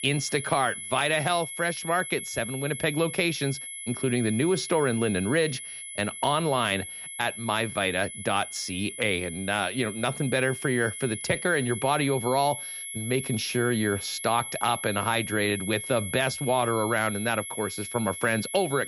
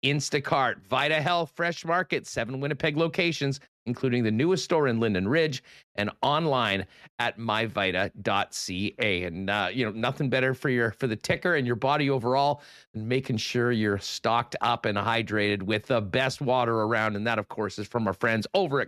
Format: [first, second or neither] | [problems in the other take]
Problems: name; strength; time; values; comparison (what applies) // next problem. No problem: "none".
second | high-pitched whine; loud; throughout; 11 kHz, 8 dB below the speech